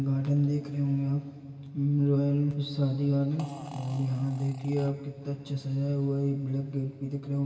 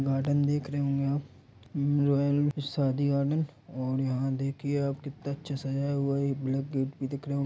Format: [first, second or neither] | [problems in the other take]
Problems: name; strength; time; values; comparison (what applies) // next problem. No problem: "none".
second | background sound (Fart); 20 dB below the speech // room echo; dies away in 2.6 s